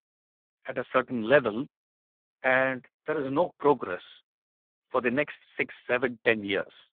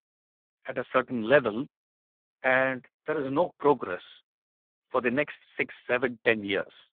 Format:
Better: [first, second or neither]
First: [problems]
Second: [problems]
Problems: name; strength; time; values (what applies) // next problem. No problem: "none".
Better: neither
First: phone-call audio; poor line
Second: phone-call audio; poor line